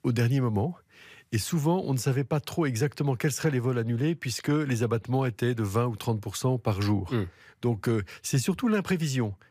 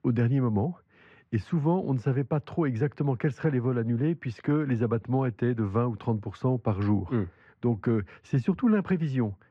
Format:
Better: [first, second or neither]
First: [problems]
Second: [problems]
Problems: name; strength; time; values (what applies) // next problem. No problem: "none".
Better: first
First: none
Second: muffled; very; fading above 1.5 kHz